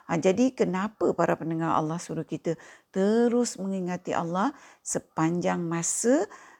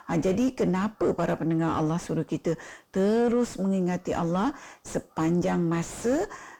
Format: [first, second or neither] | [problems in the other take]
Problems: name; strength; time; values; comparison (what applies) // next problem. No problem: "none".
first | distortion; heavy; 5 dB below the speech